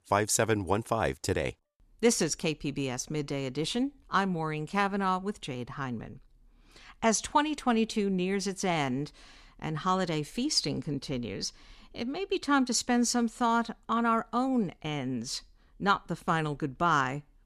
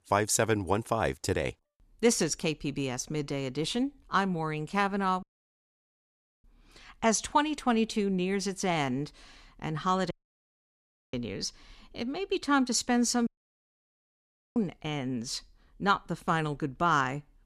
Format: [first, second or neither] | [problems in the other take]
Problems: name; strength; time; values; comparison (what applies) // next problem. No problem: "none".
first | audio cutting out; at 5 s for 1 s, at 10 s for 1 s and at 13 s for 1.5 s